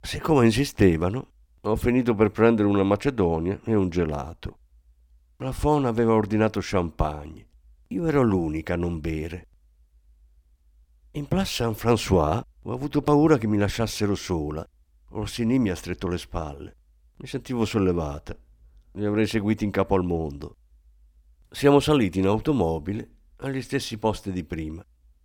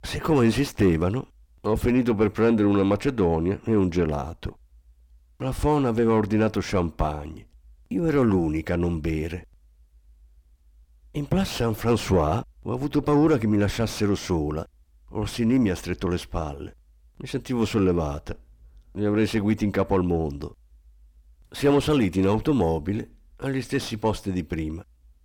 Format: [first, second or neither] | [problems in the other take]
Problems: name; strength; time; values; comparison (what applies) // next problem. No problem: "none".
first | distortion; slight; 10 dB below the speech